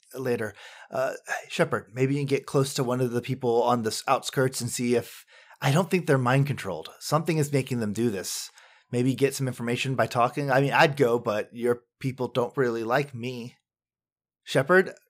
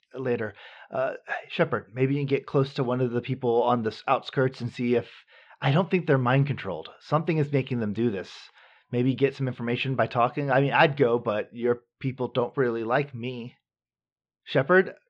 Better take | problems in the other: first | muffled; slightly; fading above 3.5 kHz

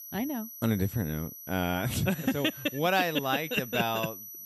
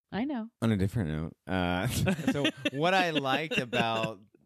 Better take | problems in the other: second | high-pitched whine; noticeable; throughout; 12 kHz, 10 dB below the speech

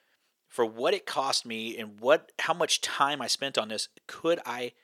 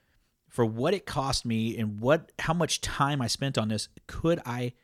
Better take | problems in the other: second | thin; somewhat; fading below 450 Hz

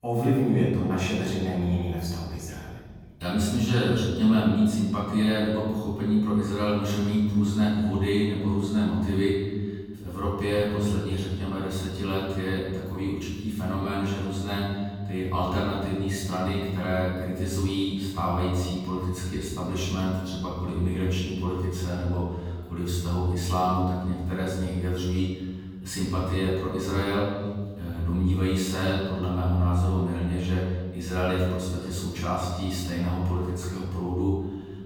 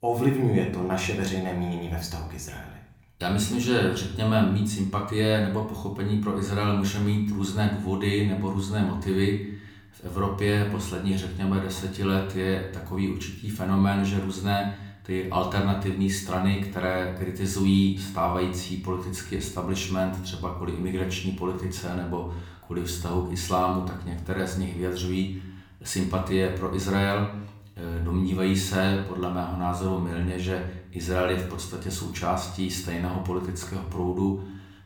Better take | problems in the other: second | room echo; strong; dies away in 1.6 s; slight in the second // off-mic speech; far; somewhat distant in the second

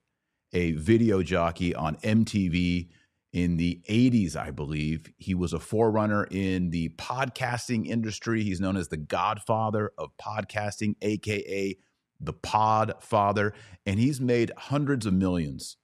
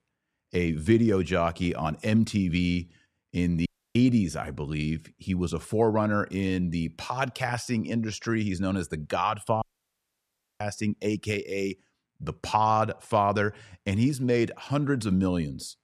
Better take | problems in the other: first | audio cutting out; at 3.5 s and at 9.5 s for 1 s

